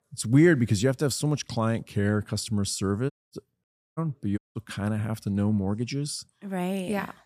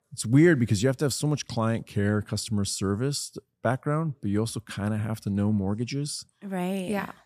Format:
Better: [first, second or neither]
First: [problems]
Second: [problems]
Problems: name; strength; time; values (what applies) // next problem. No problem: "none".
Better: second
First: audio cutting out; at 3 s, at 3.5 s and at 4.5 s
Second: none